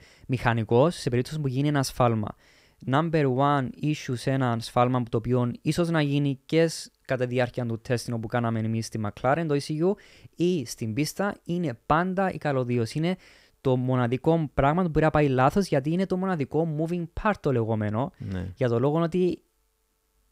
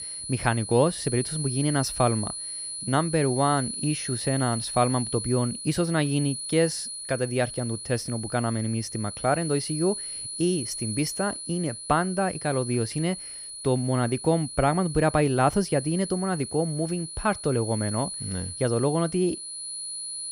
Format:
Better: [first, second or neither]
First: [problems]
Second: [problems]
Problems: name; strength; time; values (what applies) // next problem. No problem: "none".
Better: first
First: none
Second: high-pitched whine; loud; throughout; 10 kHz, 7 dB below the speech